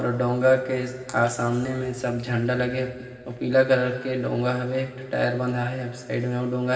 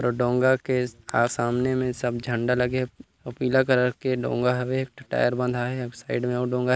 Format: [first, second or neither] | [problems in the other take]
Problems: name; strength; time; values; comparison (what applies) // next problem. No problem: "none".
second | room echo; dies away in 2.7 s